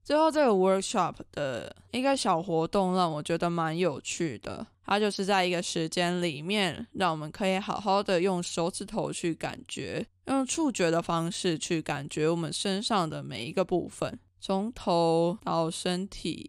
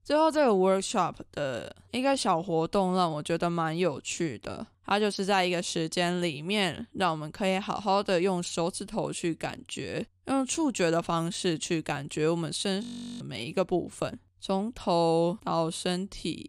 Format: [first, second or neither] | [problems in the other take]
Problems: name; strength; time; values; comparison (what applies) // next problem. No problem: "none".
first | audio freezing; at 13 s